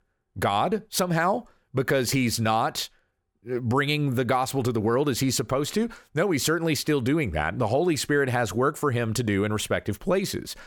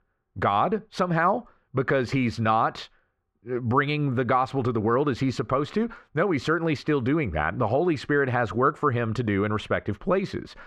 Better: first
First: none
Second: muffled; slightly; fading above 2.5 kHz

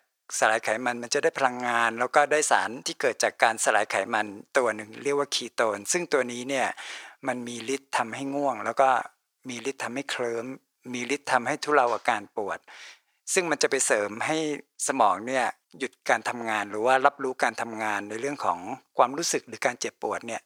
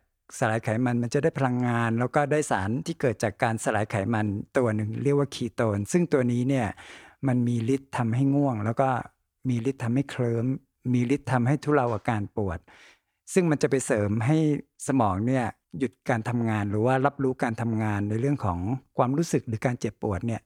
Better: second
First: thin; very; fading below 600 Hz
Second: none

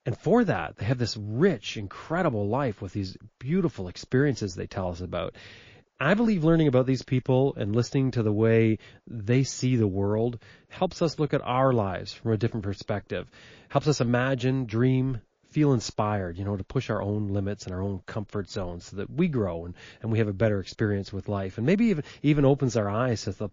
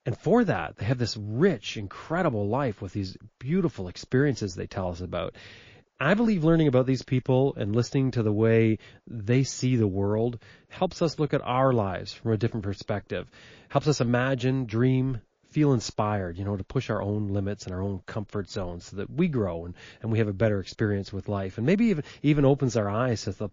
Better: neither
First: garbled, watery; slightly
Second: garbled, watery; slightly

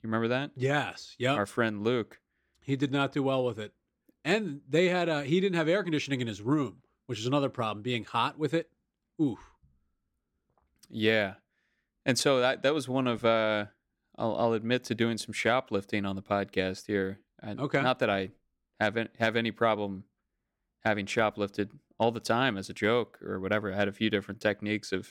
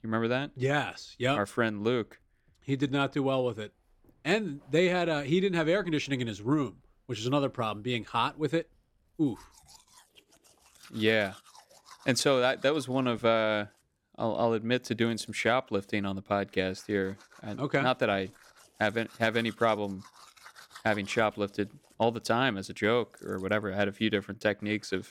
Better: first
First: none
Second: household noises; faint; throughout; 25 dB below the speech

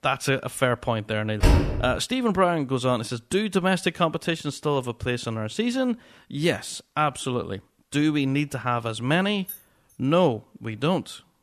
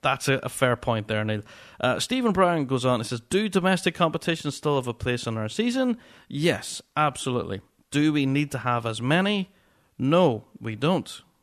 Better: second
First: door banging; loud; at 1.5 s; peak 4 dB above the speech // jangling keys; faint; at 9.5 s; peak 15 dB below the speech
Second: none

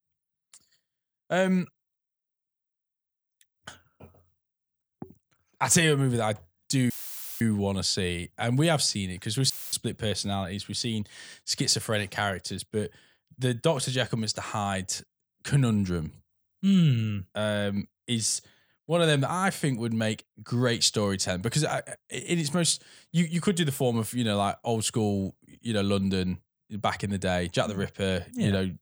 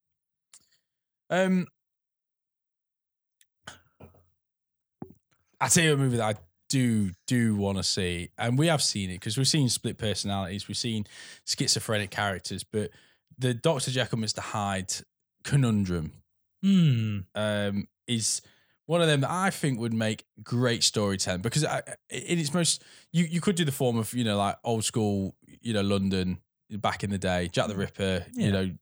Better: second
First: audio cutting out; filled with static; at 7 s for 0.5 s and at 9.5 s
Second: none

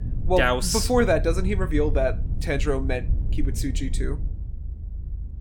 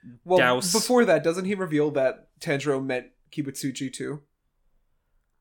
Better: second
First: low rumble; faint; throughout; 20 dB below the speech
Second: none

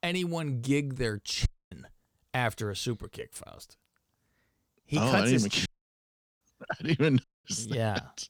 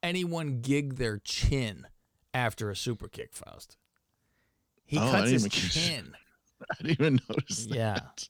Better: second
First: audio cutting out; at 1.5 s, at 5.5 s for 1 s and at 7 s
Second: none

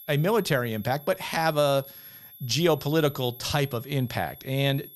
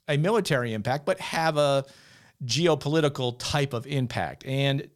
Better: second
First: high-pitched whine; noticeable; throughout; 11.5 kHz, 20 dB below the speech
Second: none

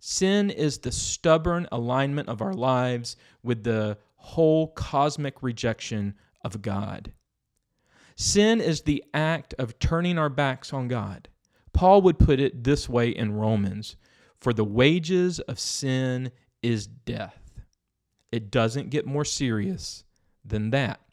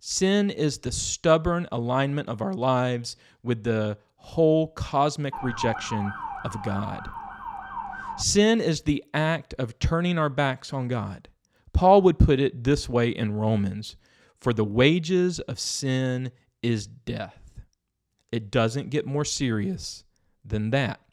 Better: first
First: none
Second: siren; noticeable; from 5.5 to 8 s; peak 7 dB below the speech

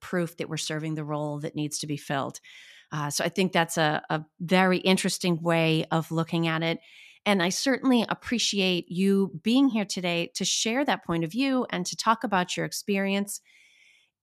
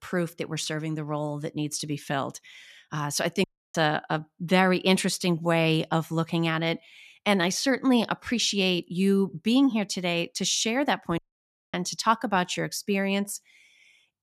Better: first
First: none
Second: audio cutting out; at 3.5 s and at 11 s for 0.5 s

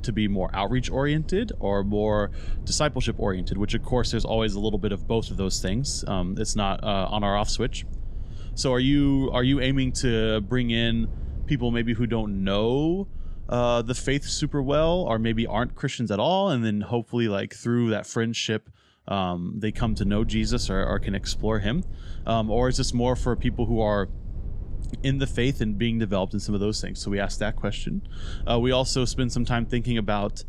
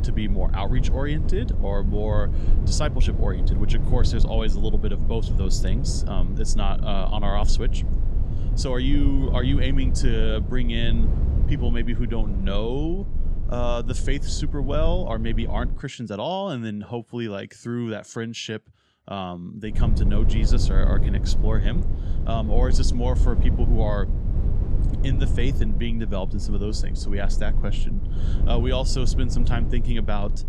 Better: first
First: low rumble; faint; until 16 s and from 20 s on; 25 dB below the speech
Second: low rumble; loud; until 16 s and from 20 s on; 9 dB below the speech

